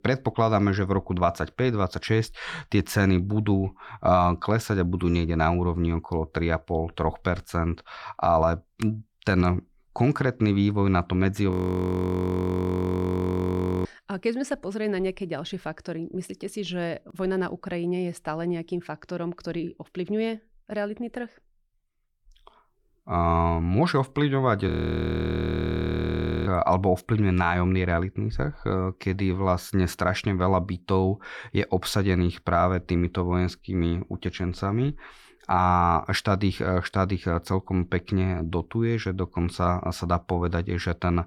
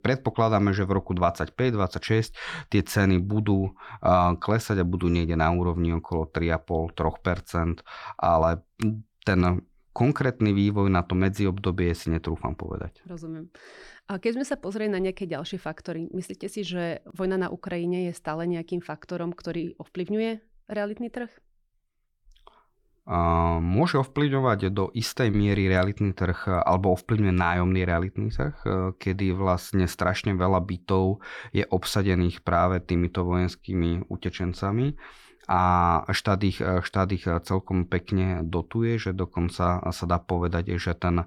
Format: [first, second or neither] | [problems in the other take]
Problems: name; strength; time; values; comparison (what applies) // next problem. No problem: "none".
second | audio freezing; at 12 s for 2.5 s and at 25 s for 2 s